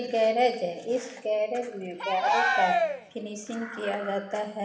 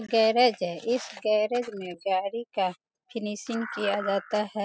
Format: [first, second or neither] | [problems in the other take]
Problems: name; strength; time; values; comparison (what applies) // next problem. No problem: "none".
second | background sound (Cheering); as loud as the speech // room echo; dies away in 1 s